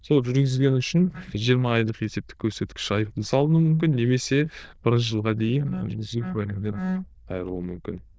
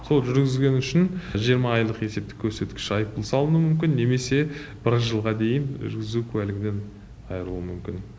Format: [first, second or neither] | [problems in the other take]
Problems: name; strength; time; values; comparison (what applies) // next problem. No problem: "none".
second | noise reduction (neural diffusion model UNIVERSE++)